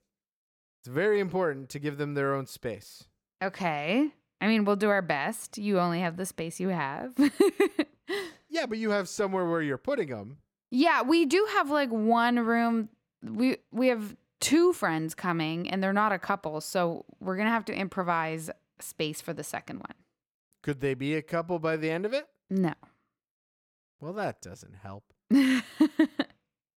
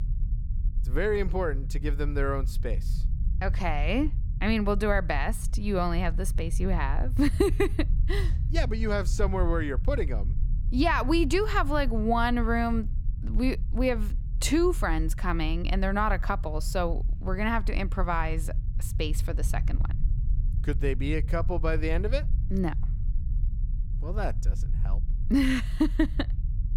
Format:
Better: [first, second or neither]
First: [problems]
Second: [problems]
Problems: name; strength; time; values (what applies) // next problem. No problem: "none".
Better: first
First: none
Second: low rumble; noticeable; throughout; 20 dB below the speech